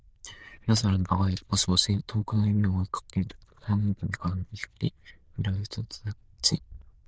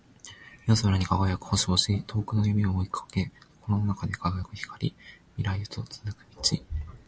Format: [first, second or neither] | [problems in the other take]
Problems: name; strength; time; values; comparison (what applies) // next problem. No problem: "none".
second | noise reduction (neural diffusion model UNIVERSE++)